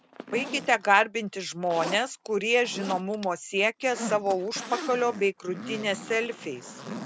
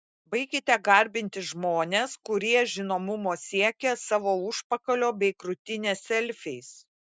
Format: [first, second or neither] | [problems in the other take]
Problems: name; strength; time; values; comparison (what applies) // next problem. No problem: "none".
second | background sound (Zipper (clothing)); 12 dB below the speech